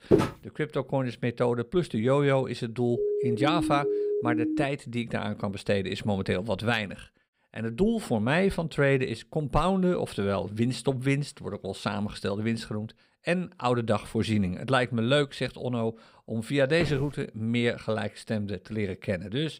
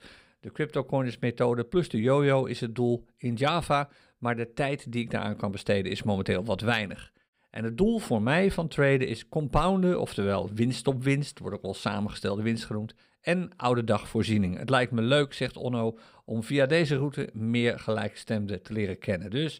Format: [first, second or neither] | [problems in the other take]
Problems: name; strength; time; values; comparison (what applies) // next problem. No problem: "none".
second | footsteps; loud; at the start; peak 4 dB above the speech // siren; loud; from 3 to 4.5 s; peak level with the speech // footsteps; noticeable; at 17 s; peak 9 dB below the speech